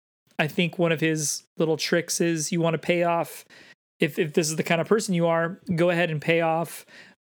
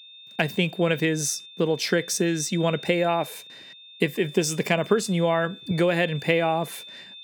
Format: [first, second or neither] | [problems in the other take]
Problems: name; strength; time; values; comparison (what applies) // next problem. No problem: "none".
first | high-pitched whine; noticeable; throughout; 3.5 kHz, 15 dB below the speech